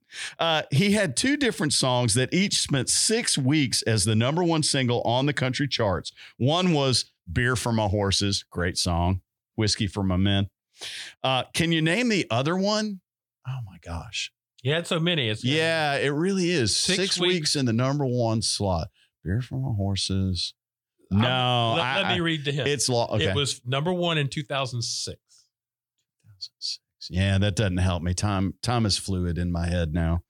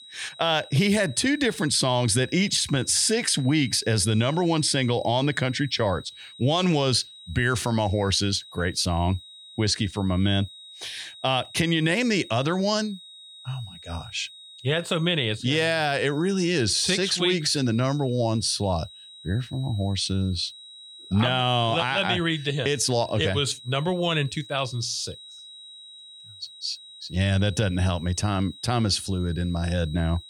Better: first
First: none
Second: high-pitched whine; noticeable; throughout; 4 kHz, 20 dB below the speech

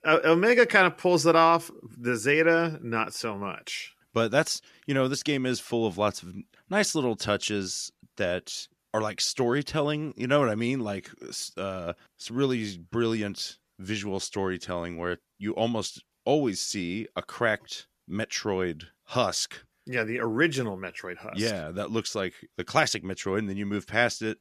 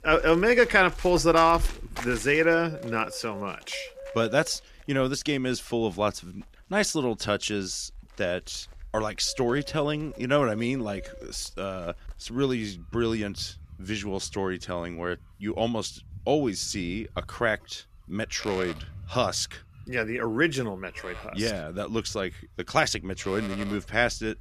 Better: first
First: none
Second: animal sounds; noticeable; throughout; 15 dB below the speech

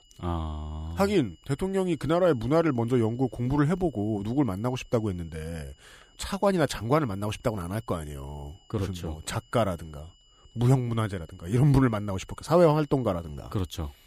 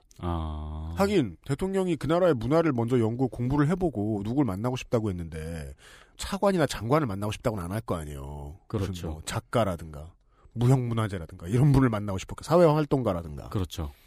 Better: second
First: high-pitched whine; faint; throughout; 3 kHz, 30 dB below the speech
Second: none

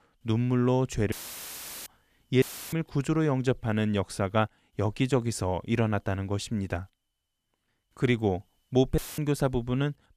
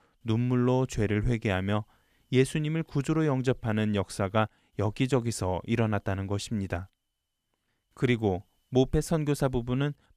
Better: second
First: audio cutting out; filled with static; at 1 s for 0.5 s, at 2.5 s and at 9 s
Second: none

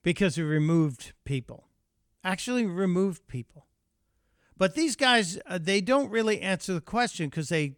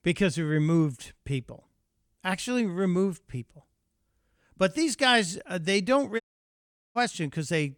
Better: first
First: none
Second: audio cutting out; at 6 s for 1 s

